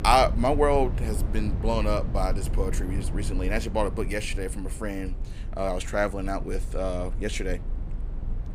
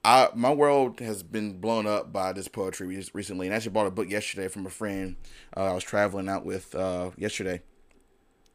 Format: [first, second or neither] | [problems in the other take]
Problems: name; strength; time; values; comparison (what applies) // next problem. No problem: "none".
second | low rumble; noticeable; throughout; 15 dB below the speech